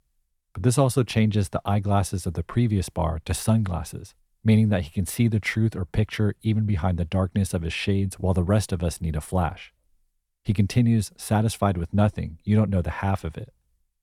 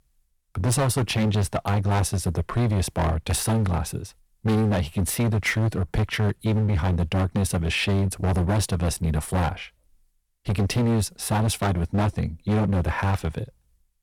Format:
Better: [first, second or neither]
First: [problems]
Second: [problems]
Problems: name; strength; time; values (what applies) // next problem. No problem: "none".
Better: first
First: none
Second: distortion; heavy; 19% of the sound clipped